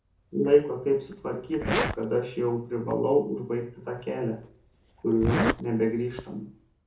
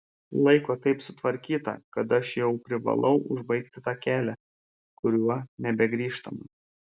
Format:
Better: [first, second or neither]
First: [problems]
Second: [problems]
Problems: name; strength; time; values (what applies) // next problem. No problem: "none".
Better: second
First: background sound (Zipper (clothing)); 6 dB below the speech // room echo; dies away in 0.6 s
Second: none